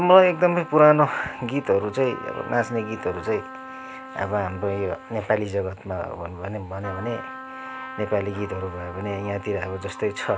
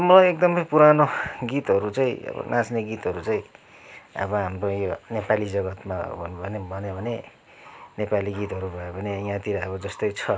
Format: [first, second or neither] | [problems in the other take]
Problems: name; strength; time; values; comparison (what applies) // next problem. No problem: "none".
second | background sound (Trumpet); 15 dB below the speech